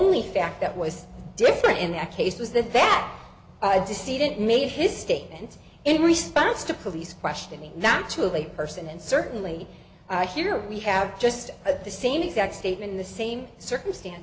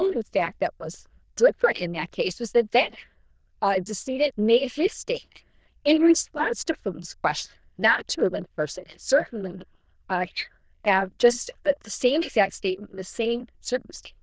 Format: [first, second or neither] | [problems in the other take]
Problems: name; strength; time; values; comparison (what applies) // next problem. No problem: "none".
first | noise reduction (neural diffusion model UNIVERSE++)